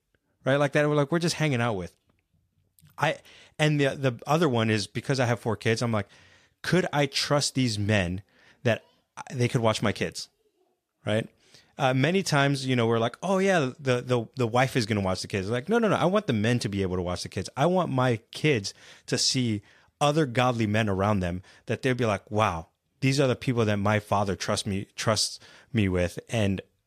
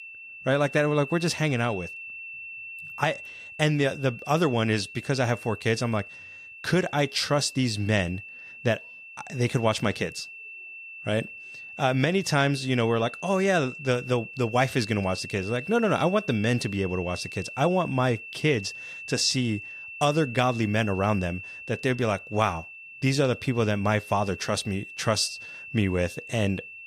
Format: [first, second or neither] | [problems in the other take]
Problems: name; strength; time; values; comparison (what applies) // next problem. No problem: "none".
first | high-pitched whine; noticeable; throughout; 2.5 kHz, 15 dB below the speech